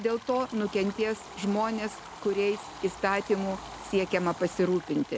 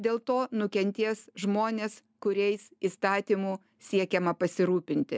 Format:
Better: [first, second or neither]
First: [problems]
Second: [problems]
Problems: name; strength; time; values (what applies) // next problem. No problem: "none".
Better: second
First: background sound (Train / Bird vocalization, bird call, bird song + Stream); 14 dB below the speech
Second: none